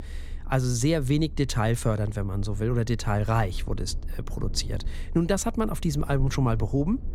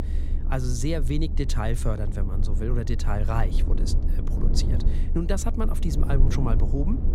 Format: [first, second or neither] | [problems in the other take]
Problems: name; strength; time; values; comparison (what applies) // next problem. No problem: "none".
first | low rumble; loud; throughout; 8 dB below the speech; faint in the first